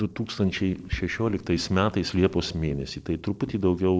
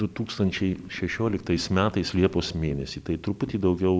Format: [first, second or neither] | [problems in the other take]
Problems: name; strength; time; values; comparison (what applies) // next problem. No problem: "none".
second | noise reduction (neural separator model SepFormer DNS4)